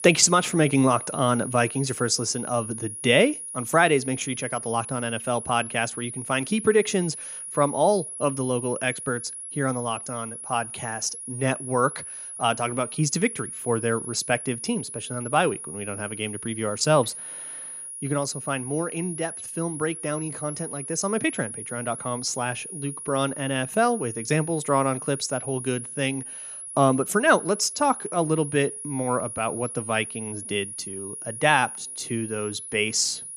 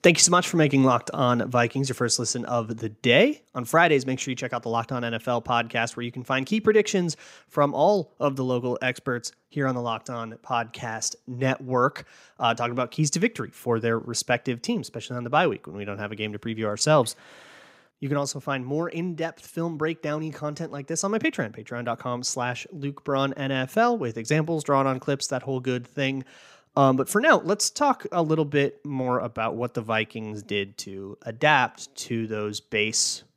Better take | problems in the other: second | high-pitched whine; loud; throughout; 10.5 kHz, 8 dB below the speech

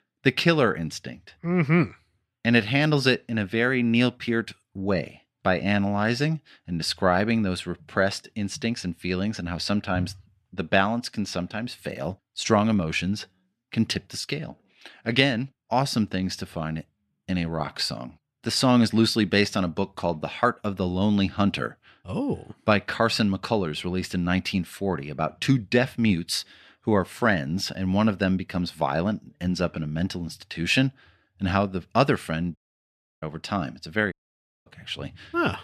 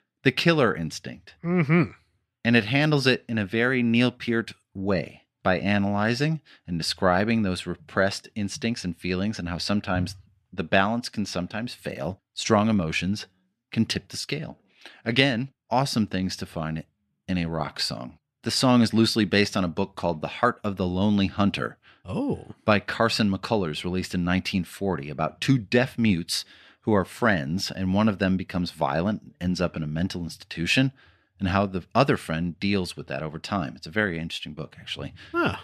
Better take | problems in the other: second | audio cutting out; at 33 s for 0.5 s and at 34 s for 0.5 s

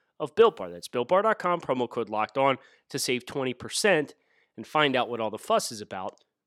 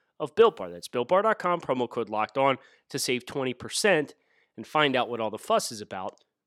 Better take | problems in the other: neither | none

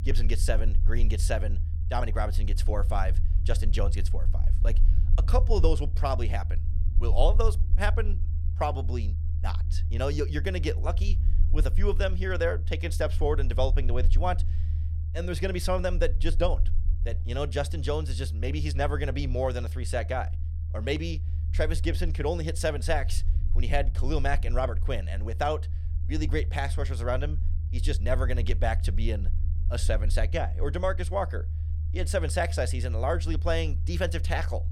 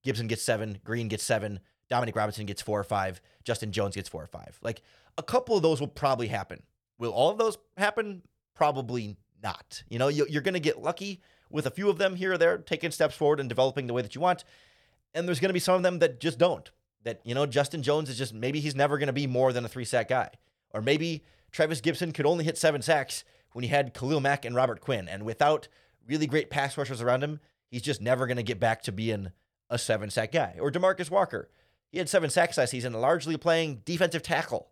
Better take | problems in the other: second | low rumble; noticeable; throughout; 15 dB below the speech

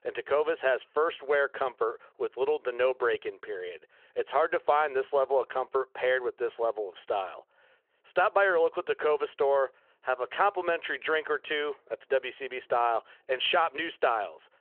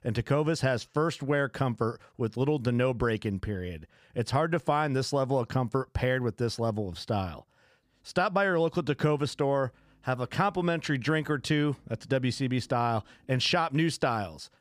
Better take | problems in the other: second | phone-call audio

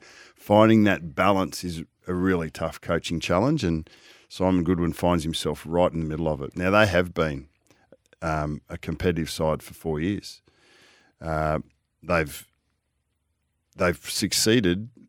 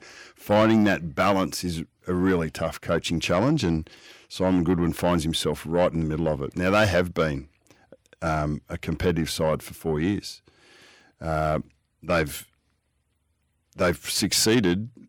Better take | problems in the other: first | distortion; slight; 10 dB below the speech

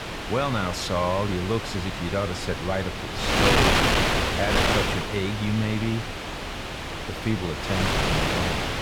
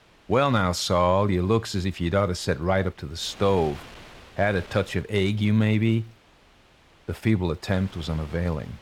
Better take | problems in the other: second | wind noise on the microphone; heavy; 4 dB above the speech; occasional gusts in the second

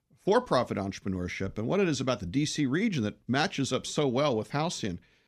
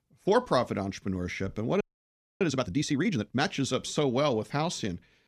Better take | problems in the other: first | audio freezing; at 2 s for 0.5 s

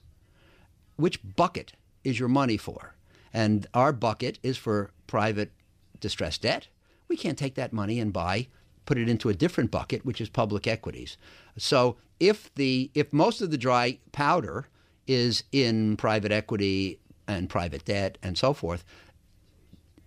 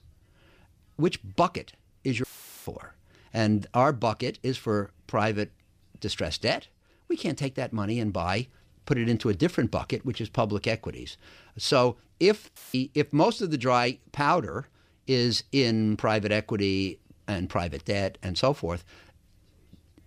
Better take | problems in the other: first | audio cutting out; filled with static; at 2 s and at 13 s

